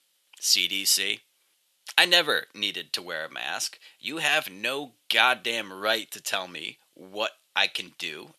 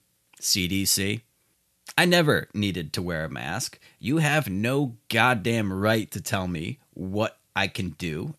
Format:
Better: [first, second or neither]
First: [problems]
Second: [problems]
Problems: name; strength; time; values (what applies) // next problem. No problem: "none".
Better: second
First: thin; very; fading below 550 Hz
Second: none